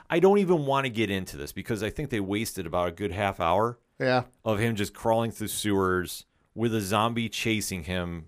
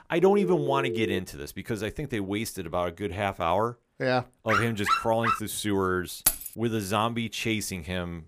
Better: first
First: none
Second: phone ringing; noticeable; until 1 s; peak 3 dB below the speech // dog barking; loud; at 4.5 s; peak 2 dB above the speech // jangling keys; loud; at 6.5 s; peak 3 dB above the speech

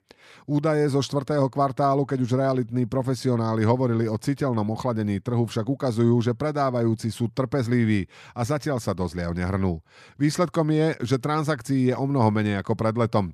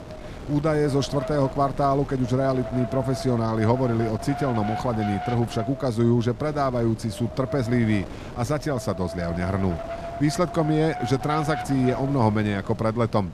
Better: first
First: none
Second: wind noise on the microphone; heavy; 7 dB below the speech

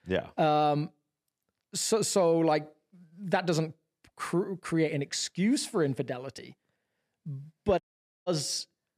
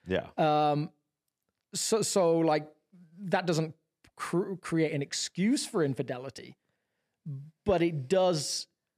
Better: second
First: audio cutting out; at 8 s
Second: none

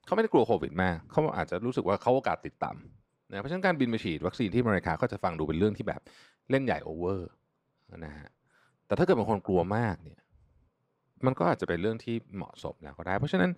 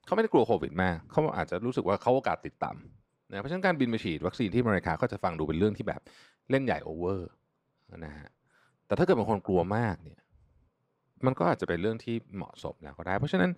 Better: neither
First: none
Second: none

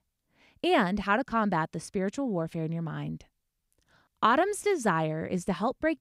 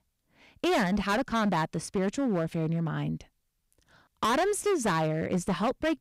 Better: first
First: none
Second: distortion; heavy; 12% of the sound clipped

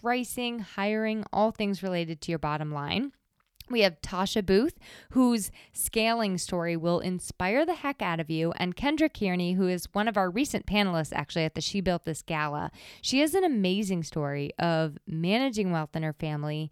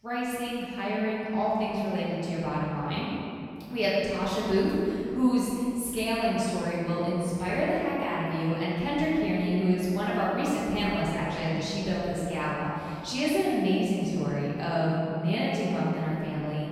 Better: first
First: none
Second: room echo; strong; dies away in 2.4 s // off-mic speech; far

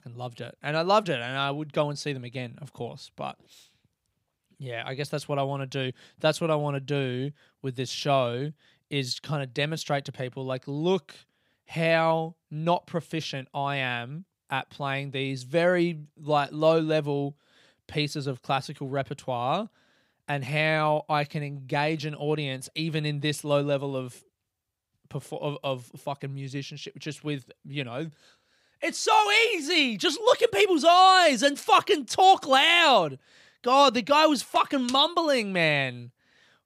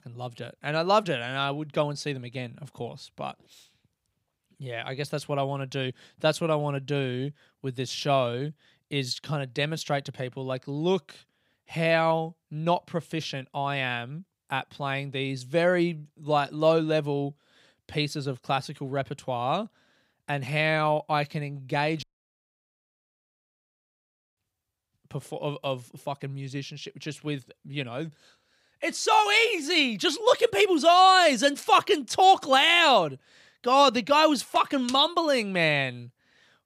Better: first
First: none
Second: audio cutting out; at 22 s for 2.5 s

